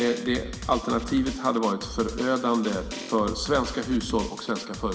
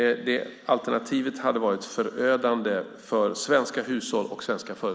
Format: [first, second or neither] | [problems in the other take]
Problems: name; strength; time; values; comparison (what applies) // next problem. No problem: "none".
second | background sound (Drum); 11 dB below the speech // room echo; dies away in 2.4 s